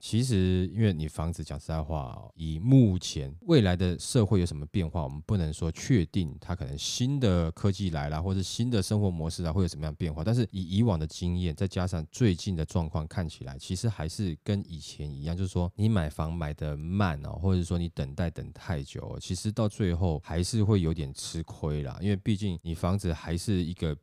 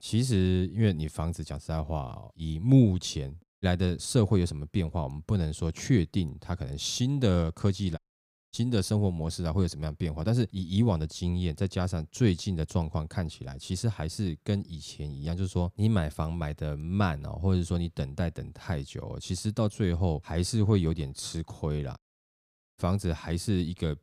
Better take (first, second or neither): first